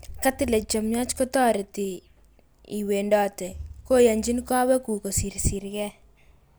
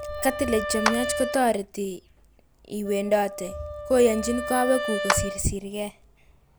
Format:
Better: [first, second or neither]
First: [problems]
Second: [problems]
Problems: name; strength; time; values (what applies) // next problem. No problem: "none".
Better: first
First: none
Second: background sound (Wind instrument, woodwind instrument + Clapping); 6 dB below the speech